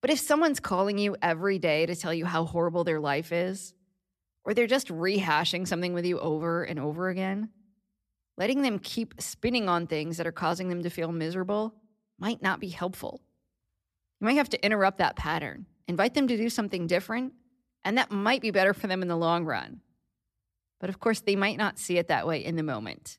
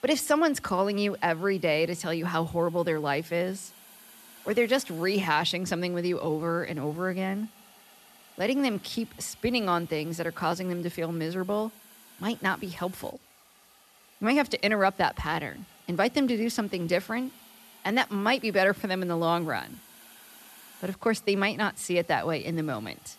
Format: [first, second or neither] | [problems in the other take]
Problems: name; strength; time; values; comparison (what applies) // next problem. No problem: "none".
first | hiss; faint; throughout; 25 dB below the speech